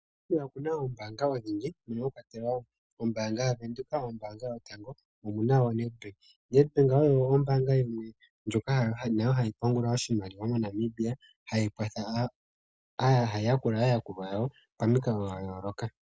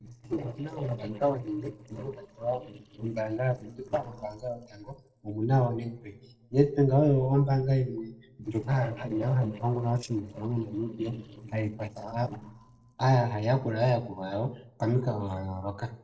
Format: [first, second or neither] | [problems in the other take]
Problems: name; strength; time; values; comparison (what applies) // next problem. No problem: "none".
first | noise reduction (neural separator model SepFormer DNS4)